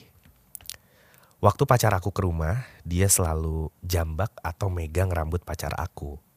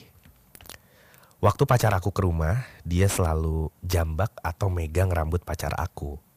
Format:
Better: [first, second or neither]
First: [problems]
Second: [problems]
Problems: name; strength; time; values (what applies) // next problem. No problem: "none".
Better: first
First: none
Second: distortion; slight; 10 dB below the speech